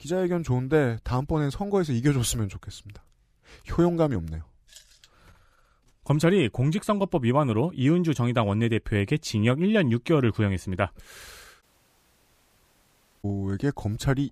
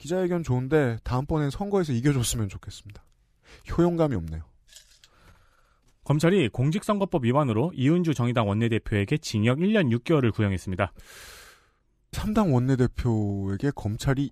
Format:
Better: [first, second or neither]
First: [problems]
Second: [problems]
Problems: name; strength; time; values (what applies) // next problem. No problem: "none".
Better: second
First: audio cutting out; at 12 s for 1.5 s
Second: none